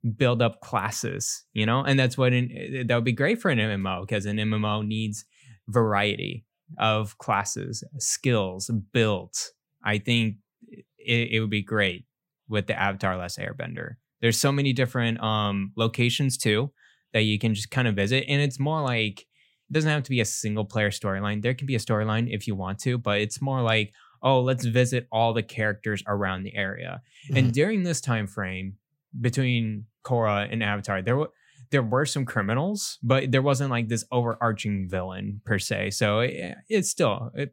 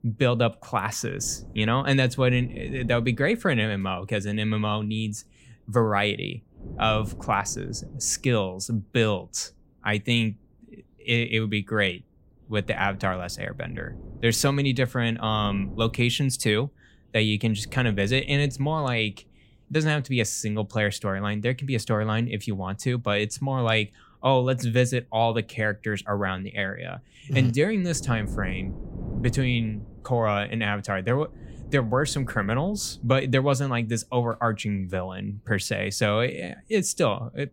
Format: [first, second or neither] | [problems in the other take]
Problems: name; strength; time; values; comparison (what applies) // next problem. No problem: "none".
first | wind noise on the microphone; occasional gusts; 25 dB below the speech